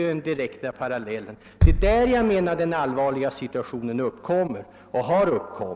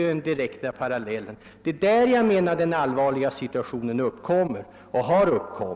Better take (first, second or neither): second